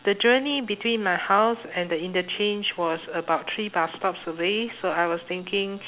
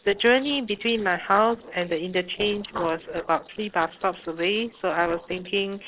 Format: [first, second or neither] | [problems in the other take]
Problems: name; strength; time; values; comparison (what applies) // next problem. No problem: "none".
first | noise reduction (neural separator model SepFormer DNS4)